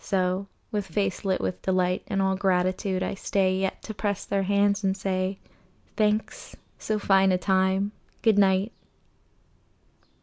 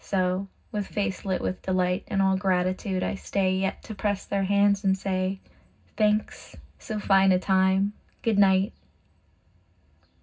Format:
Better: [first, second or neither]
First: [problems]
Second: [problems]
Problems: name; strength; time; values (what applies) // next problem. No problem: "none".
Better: first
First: none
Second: room echo; dies away in 0.4 s